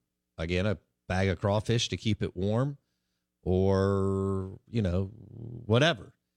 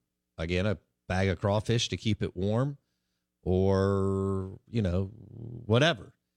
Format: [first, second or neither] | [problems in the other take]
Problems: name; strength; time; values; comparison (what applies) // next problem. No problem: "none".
neither | none